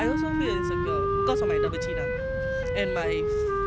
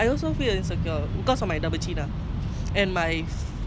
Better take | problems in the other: second | background sound (Wind instrument, woodwind instrument); 5 dB above the speech

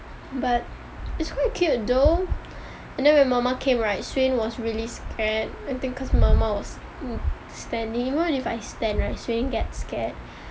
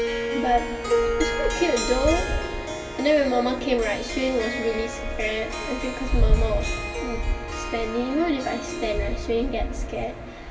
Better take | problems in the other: first | background sound (Harp); 6 dB below the speech // room echo; dies away in 2.4 s

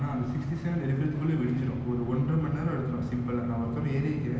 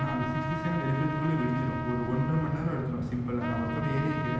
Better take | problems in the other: first | background sound (Trumpet); 7 dB below the speech

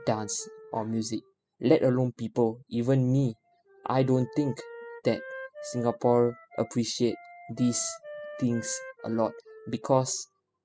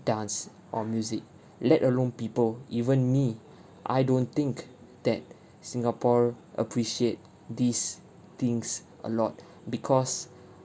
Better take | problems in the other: second | noise reduction (classical method spectral subtraction)

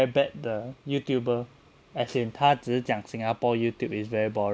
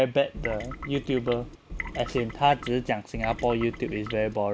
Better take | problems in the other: first | background sound (Trickle, dribble / Water tap, faucet); 10 dB below the speech

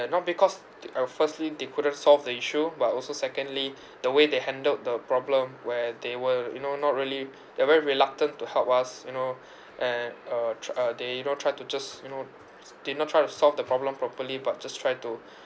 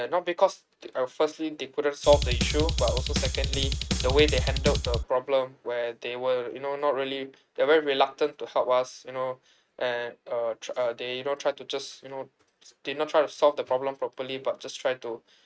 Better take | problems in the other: first | noise reduction (neural mask model RNNoise)

